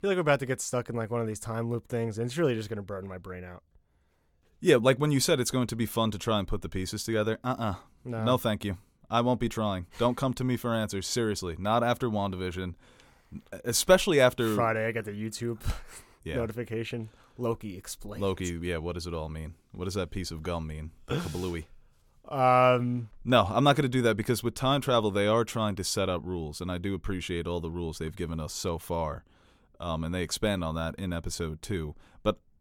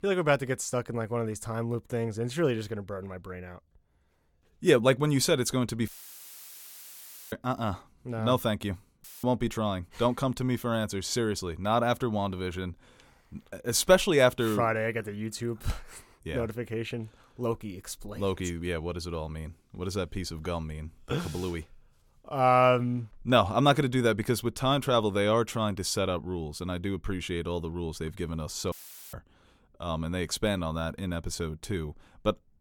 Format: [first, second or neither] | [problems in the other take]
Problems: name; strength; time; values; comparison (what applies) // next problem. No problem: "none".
first | audio cutting out; filled with static; at 6 s for 1.5 s, at 9 s and at 29 s